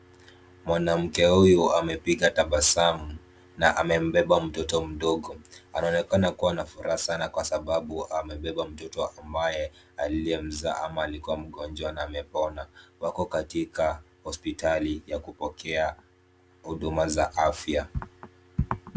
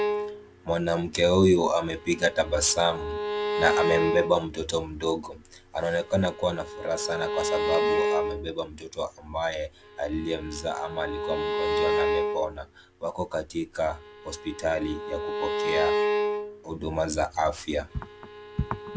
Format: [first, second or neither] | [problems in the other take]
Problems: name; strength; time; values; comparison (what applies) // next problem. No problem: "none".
first | background sound (Bowed string instrument); 3 dB below the speech